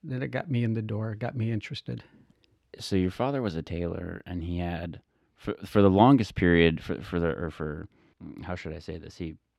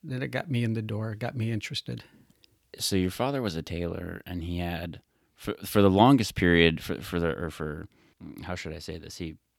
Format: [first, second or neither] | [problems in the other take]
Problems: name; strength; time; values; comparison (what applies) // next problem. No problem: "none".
second | muffled; slightly; fading above 2 kHz